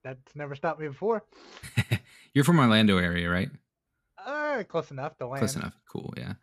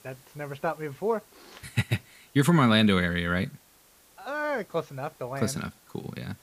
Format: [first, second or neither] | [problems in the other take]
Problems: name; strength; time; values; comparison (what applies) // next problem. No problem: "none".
first | hiss; faint; throughout; 30 dB below the speech